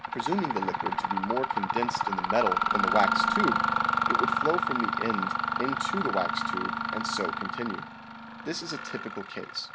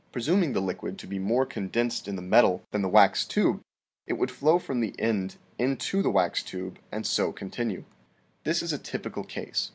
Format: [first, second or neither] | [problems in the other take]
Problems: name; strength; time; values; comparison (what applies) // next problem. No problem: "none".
second | background sound (Mechanisms); 4 dB above the speech